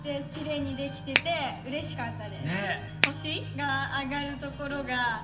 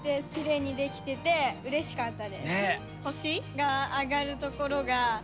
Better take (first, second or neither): second